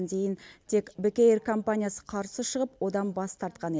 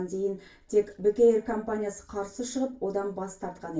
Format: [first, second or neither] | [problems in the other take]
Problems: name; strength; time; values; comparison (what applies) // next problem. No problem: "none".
first | room echo; dies away in 0.3 s